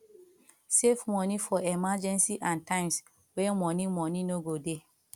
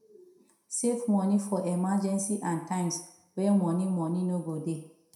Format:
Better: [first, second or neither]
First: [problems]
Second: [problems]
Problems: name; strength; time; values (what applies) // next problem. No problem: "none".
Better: first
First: none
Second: room echo; dies away in 0.6 s